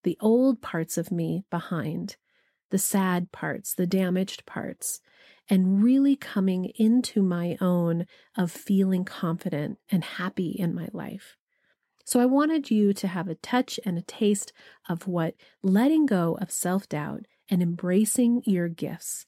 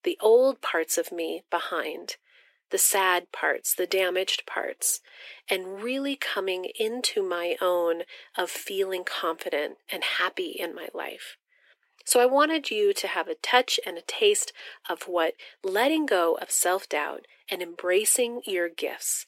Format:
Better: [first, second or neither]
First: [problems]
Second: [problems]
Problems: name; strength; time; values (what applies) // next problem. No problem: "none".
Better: first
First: none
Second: thin; very; fading below 350 Hz